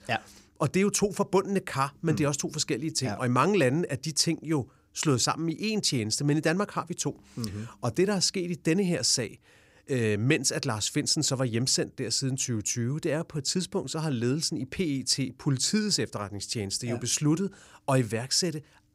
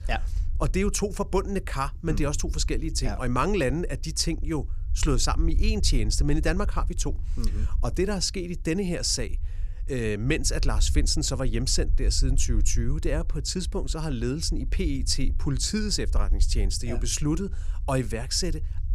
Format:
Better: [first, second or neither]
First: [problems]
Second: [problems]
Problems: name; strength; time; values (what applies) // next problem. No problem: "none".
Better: first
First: none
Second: low rumble; faint; throughout; 25 dB below the speech